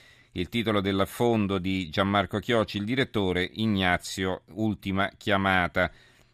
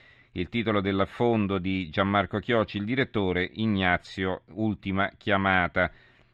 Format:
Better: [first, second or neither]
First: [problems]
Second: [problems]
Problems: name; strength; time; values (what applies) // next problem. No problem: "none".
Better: first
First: none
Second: muffled; slightly; fading above 2.5 kHz